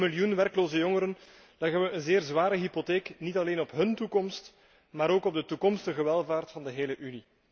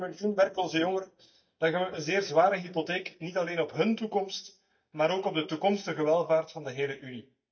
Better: first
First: none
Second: noise reduction (neural mask model DeepFilterNet 3)

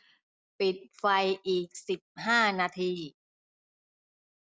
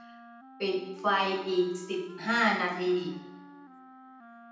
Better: first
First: none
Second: background sound (Wind instrument, woodwind instrument); 19 dB below the speech // room echo; dies away in 0.9 s

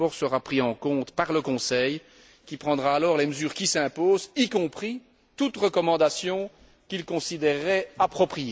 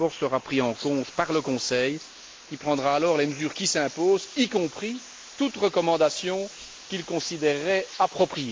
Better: first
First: none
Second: noise reduction (neural mask model Resemble Enhance denoiser)

